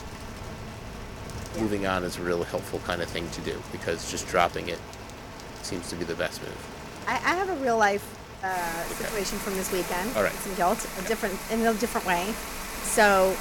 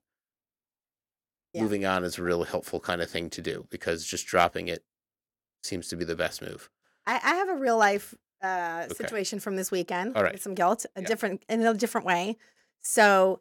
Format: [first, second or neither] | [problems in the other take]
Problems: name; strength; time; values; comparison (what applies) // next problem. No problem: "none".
second | rain or running water; loud; throughout; 9 dB below the speech